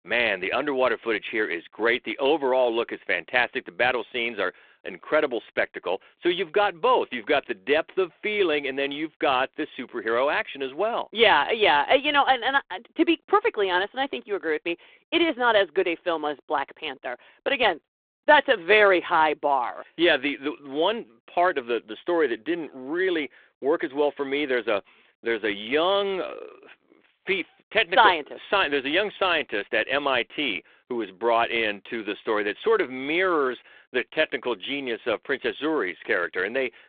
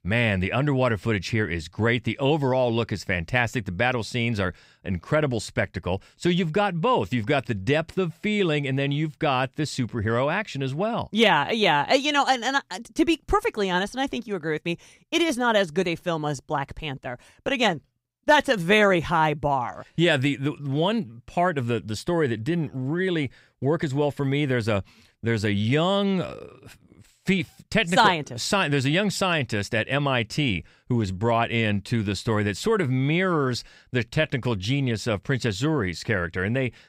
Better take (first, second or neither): second